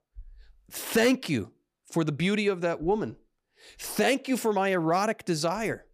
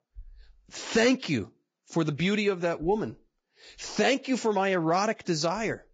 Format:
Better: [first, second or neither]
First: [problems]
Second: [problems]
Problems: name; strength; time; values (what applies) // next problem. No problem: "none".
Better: first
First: none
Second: garbled, watery; badly; nothing above 7.5 kHz